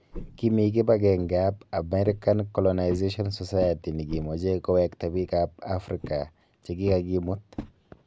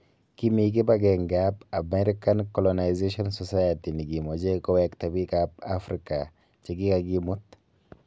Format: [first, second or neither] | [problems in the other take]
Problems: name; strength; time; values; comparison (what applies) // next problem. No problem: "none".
second | background sound (Walk, footsteps); 17 dB below the speech